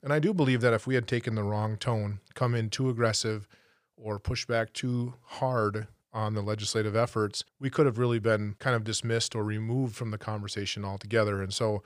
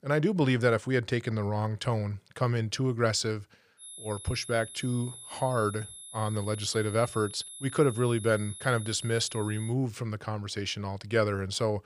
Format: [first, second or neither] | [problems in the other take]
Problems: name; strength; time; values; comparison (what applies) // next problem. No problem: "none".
first | high-pitched whine; noticeable; from 4 to 9.5 s; 11 kHz, 15 dB below the speech